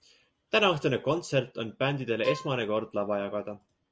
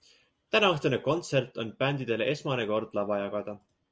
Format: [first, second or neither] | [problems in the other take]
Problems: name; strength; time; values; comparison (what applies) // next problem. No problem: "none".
second | background sound (Bowed string instrument); 9 dB below the speech